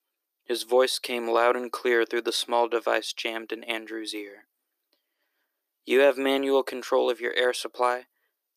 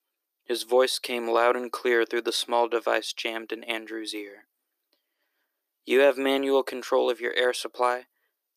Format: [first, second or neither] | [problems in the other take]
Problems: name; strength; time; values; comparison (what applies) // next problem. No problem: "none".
neither | thin; somewhat; fading below 300 Hz; the same in both